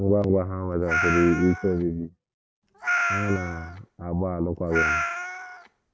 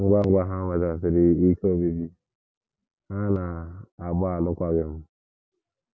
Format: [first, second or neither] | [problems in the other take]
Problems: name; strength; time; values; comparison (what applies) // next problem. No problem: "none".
second | background sound (Meow); 3 dB below the speech